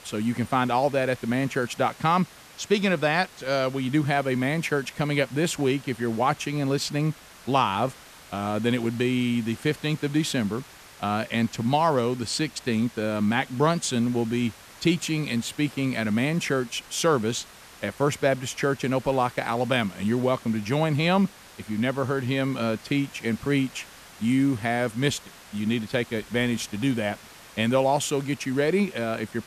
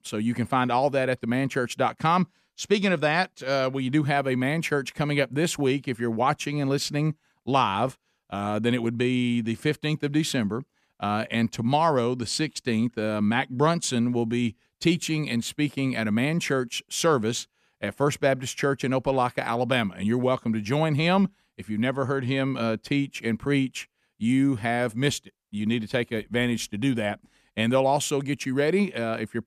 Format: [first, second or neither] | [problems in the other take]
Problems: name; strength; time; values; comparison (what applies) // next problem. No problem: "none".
second | hiss; faint; throughout; 20 dB below the speech